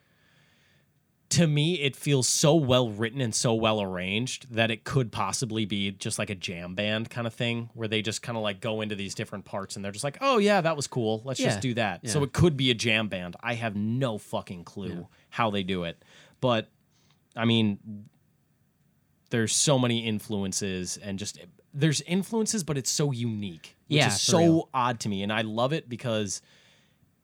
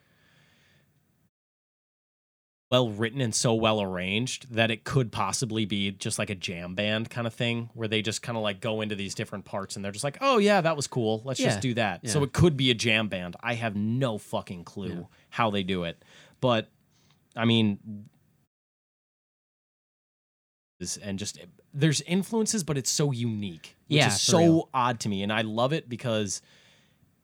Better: first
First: none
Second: audio cutting out; at 1.5 s for 1.5 s and at 18 s for 2.5 s

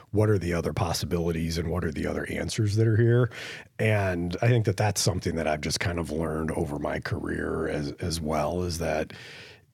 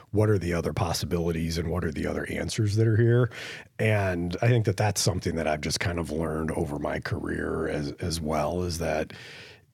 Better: neither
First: none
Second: none

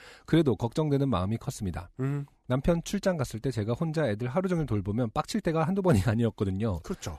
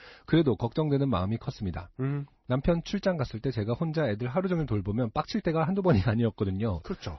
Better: first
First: none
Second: garbled, watery; slightly; nothing above 6 kHz

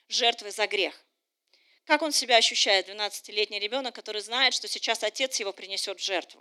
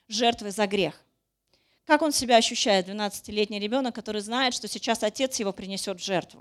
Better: second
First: thin; somewhat; fading below 300 Hz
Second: none

